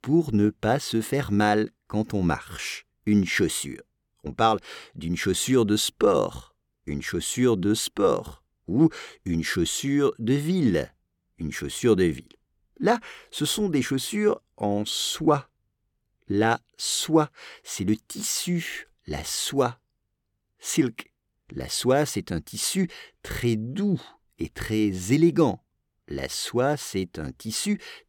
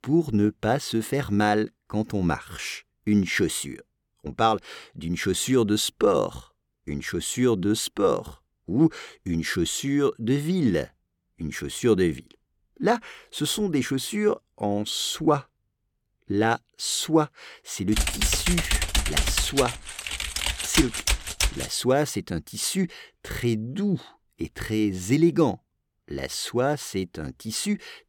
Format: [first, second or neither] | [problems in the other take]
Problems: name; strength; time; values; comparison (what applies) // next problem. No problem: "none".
first | keyboard typing; loud; from 18 to 22 s; peak 2 dB above the speech